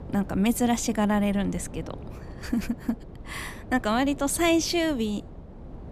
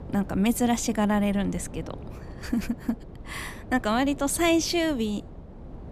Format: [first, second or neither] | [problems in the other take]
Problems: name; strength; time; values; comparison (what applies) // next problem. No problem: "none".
neither | wind noise on the microphone; occasional gusts; 20 dB below the speech; the same in both